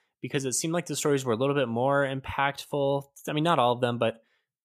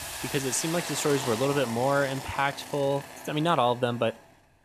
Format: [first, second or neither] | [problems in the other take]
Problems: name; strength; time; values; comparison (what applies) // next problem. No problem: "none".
first | hiss; loud; throughout; 9 dB below the speech